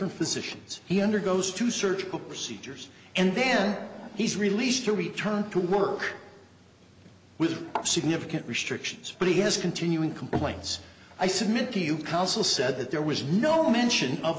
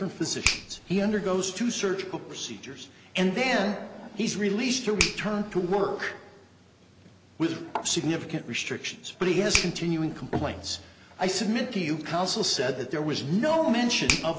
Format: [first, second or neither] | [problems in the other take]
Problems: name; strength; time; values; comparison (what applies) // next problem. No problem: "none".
first | background sound (Finger snapping); 9 dB below the speech